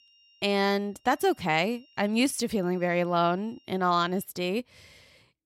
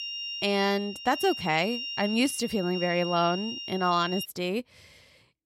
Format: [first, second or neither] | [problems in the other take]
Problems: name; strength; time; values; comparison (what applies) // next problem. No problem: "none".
first | high-pitched whine; loud; until 4.5 s; 3 kHz, 7 dB below the speech; faint in the first